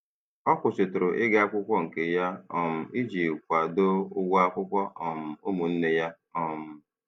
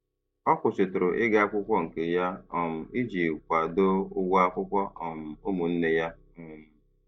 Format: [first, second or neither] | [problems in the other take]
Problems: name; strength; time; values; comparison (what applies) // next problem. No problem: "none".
first | noise reduction (neural mask model DeepFilterNet 3)